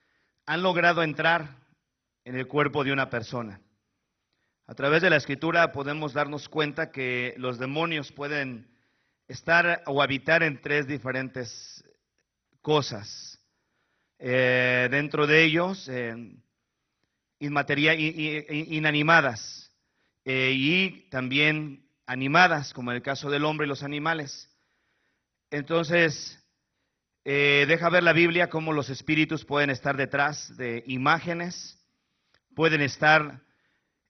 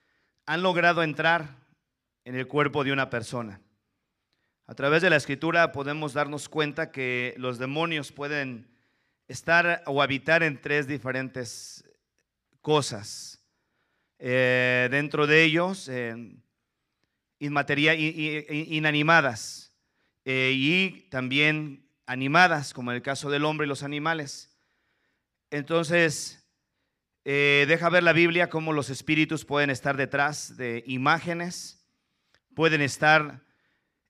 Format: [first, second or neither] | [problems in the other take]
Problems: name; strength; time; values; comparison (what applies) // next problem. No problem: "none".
second | garbled, watery; badly; nothing above 6 kHz